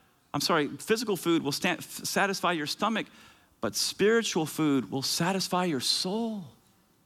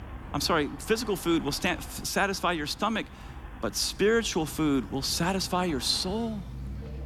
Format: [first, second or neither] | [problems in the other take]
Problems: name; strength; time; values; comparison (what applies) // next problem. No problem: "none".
first | traffic noise; noticeable; throughout; 15 dB below the speech